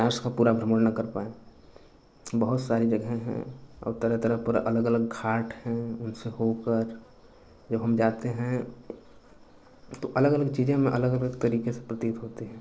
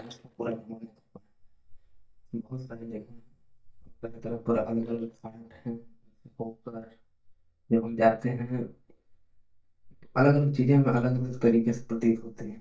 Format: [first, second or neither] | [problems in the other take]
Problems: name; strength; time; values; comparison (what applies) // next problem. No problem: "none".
first | noise reduction (neural mask model DeepFilterNet 3)